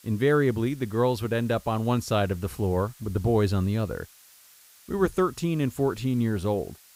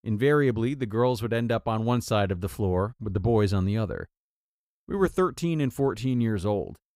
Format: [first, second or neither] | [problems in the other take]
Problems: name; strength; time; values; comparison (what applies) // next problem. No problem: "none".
second | hiss; faint; throughout; 25 dB below the speech